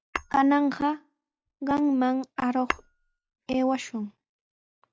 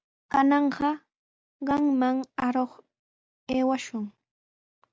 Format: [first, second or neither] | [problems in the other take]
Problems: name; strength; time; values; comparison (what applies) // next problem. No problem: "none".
second | noise reduction (classical method log-MMSE)